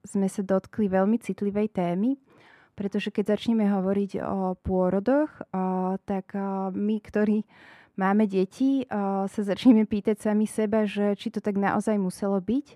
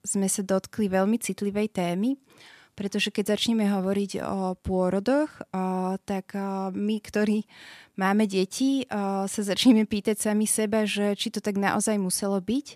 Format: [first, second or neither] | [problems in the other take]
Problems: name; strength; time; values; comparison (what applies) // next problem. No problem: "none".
second | muffled; very; fading above 2.5 kHz